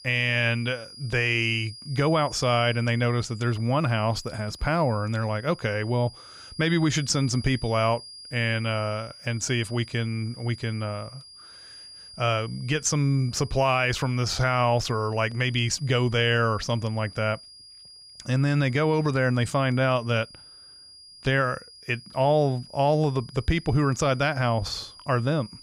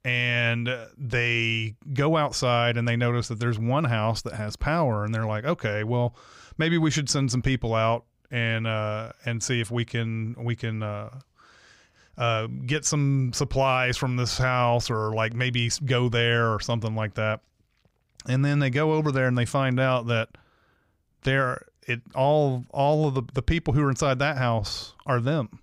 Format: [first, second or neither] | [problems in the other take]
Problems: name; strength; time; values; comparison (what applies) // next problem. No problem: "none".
second | high-pitched whine; noticeable; throughout; 5 kHz, 20 dB below the speech